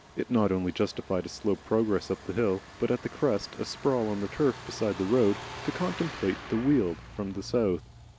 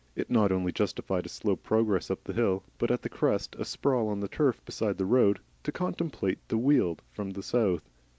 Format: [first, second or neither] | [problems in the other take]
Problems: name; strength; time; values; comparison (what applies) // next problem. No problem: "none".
second | background sound (Truck); 15 dB below the speech